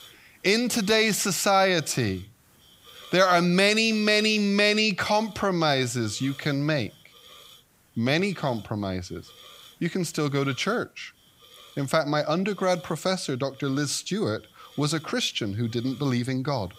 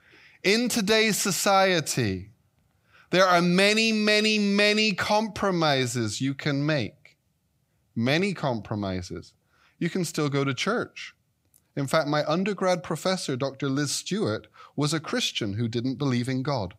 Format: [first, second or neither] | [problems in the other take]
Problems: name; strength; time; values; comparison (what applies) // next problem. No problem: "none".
second | hiss; faint; throughout; 25 dB below the speech